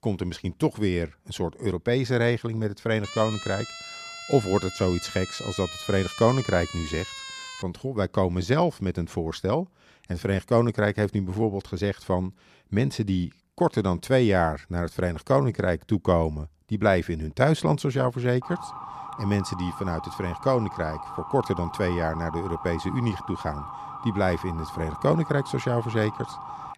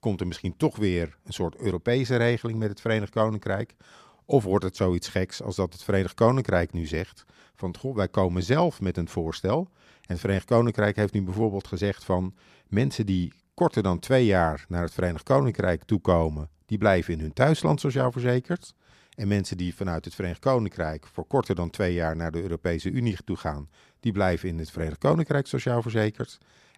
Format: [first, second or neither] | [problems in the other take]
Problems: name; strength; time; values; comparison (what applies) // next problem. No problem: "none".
second | siren; noticeable; from 3 to 7.5 s and from 18 s on; peak 9 dB below the speech